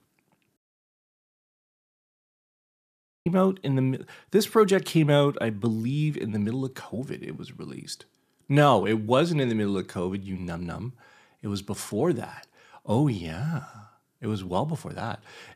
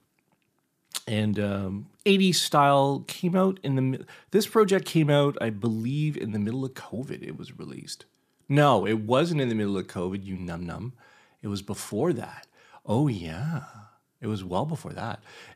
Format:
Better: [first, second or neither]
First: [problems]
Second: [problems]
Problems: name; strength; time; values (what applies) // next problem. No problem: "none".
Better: second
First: audio cutting out; at 0.5 s for 2.5 s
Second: none